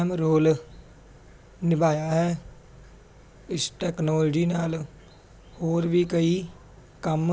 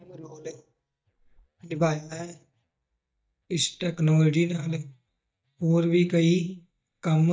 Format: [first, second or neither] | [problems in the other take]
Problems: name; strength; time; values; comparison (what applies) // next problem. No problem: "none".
first | noise reduction (neural mask model DeepFilterNet 3)